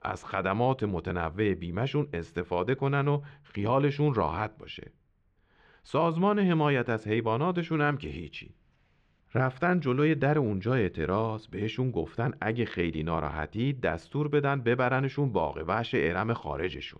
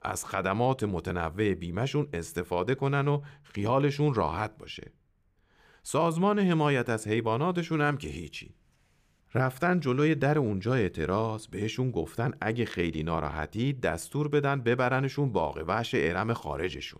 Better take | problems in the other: second | muffled; slightly; fading above 4 kHz

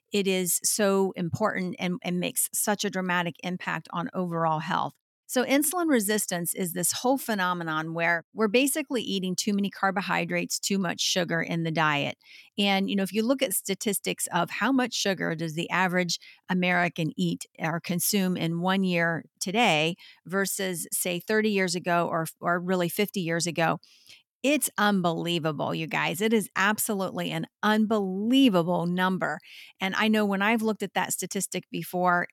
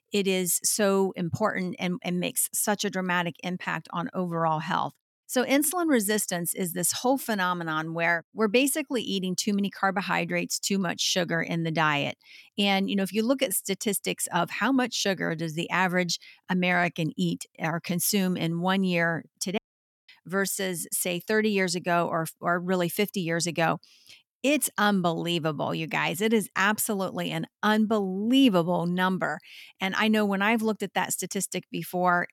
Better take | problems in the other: first | audio cutting out; at 20 s for 0.5 s

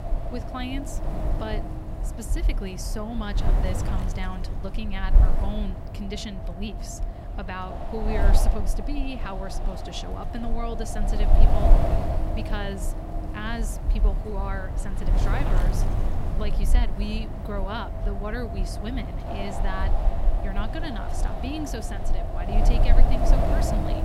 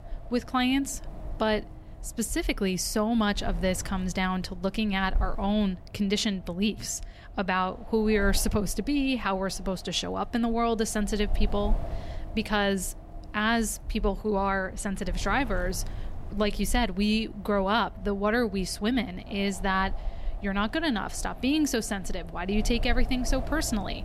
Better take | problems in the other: second | wind noise on the microphone; heavy; as loud as the speech; occasional gusts in the second

